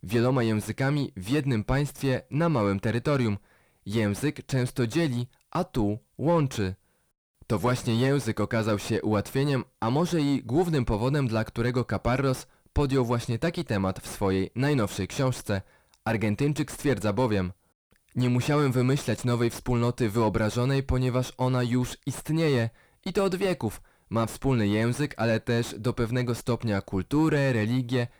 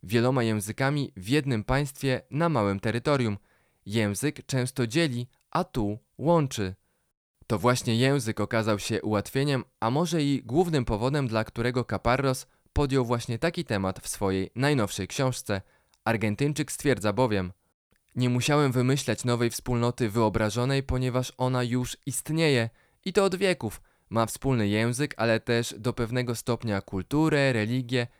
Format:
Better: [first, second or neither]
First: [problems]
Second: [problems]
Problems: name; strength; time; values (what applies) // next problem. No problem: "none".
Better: second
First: distortion; slight; 10 dB below the speech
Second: none